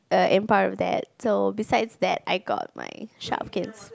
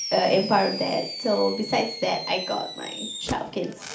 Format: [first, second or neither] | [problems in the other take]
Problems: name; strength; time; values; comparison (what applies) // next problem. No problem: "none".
first | background sound (Fireworks); 9 dB below the speech // room echo; dies away in 0.4 s